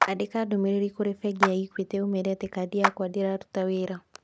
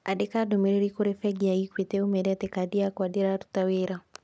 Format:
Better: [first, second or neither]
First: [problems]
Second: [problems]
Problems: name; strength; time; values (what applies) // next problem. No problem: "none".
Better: second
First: background sound (Clapping); 5 dB below the speech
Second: none